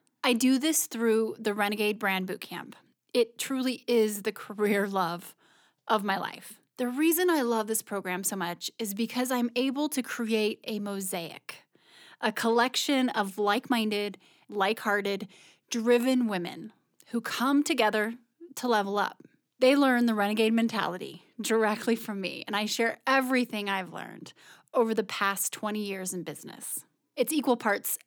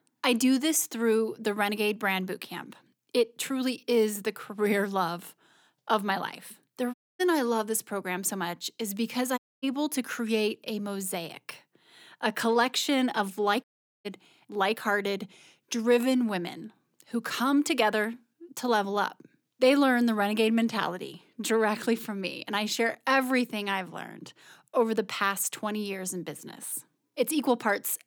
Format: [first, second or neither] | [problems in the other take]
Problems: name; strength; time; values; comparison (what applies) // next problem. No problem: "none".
first | audio cutting out; at 7 s, at 9.5 s and at 14 s